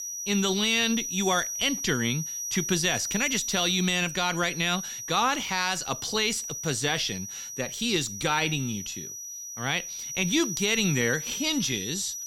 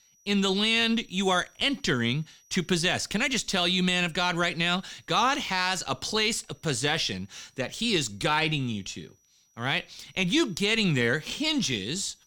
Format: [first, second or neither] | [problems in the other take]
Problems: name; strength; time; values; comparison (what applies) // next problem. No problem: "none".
second | high-pitched whine; loud; throughout; 6 kHz, 6 dB below the speech; faint in the second